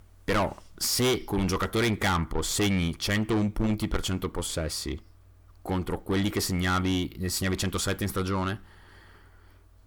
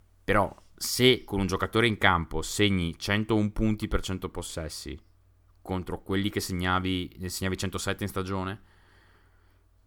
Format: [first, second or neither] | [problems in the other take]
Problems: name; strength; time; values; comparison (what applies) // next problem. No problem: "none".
second | distortion; heavy; 6 dB below the speech